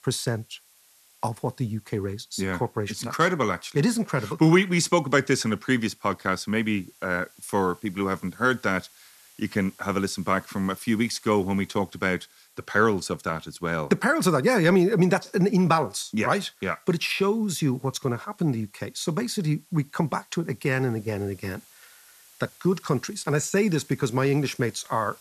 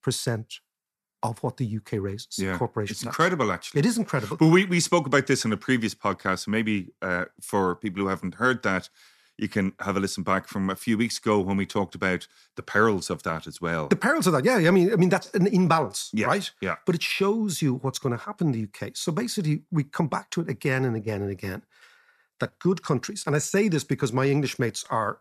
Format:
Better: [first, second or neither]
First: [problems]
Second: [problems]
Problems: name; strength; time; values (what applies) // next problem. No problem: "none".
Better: second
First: hiss; faint; throughout; 30 dB below the speech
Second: none